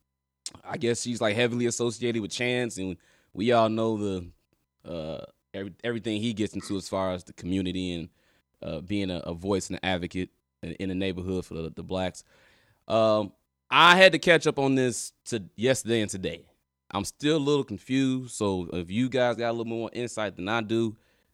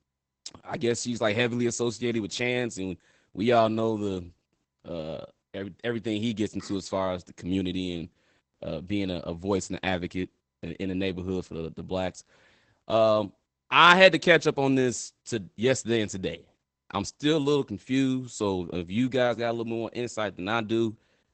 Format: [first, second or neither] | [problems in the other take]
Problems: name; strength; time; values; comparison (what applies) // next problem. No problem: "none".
first | garbled, watery; badly; nothing above 8 kHz